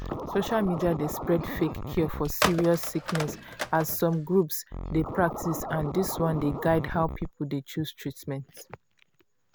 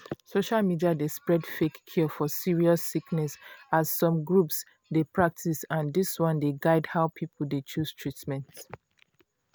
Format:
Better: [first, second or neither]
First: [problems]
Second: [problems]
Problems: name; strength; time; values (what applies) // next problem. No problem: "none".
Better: second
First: background sound (Scratching (performance technique) + Telephone); 7 dB below the speech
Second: none